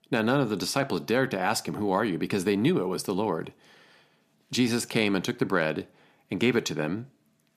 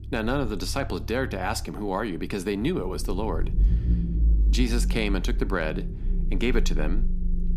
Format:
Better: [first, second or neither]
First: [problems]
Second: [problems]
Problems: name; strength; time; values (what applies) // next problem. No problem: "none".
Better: first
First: none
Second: low rumble; noticeable; throughout; 15 dB below the speech